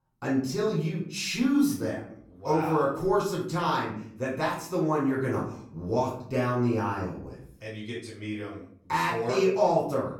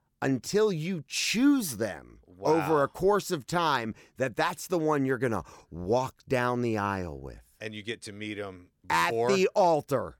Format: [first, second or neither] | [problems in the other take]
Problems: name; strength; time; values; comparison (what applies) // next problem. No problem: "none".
second | off-mic speech; far // room echo; noticeable; dies away in 0.5 s